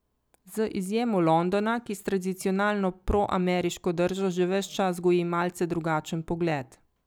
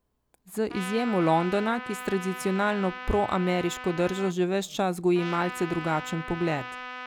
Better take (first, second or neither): first